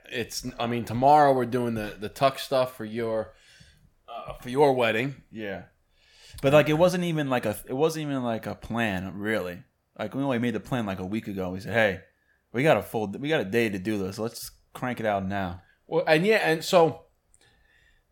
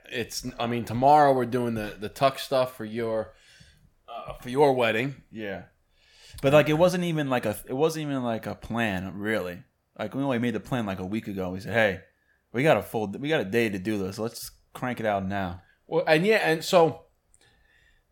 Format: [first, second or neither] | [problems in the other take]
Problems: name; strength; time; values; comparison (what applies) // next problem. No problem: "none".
neither | none